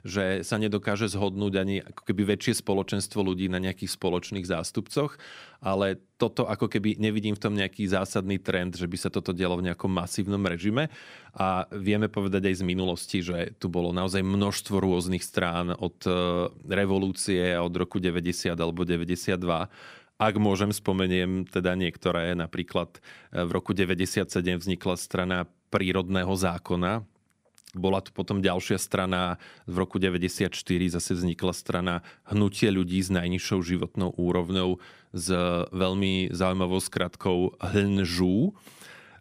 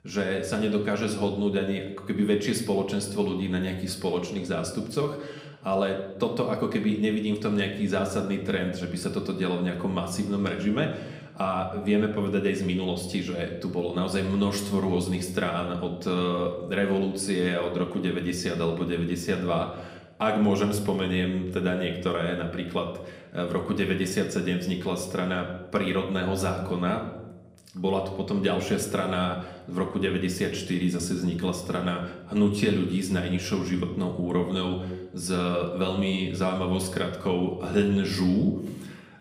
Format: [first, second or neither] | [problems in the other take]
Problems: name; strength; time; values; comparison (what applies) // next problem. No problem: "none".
first | room echo; slight; dies away in 0.8 s // off-mic speech; somewhat distant